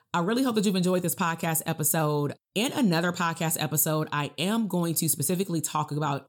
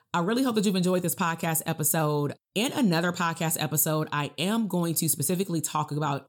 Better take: neither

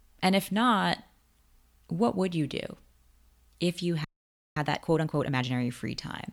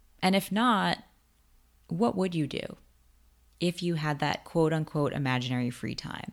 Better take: second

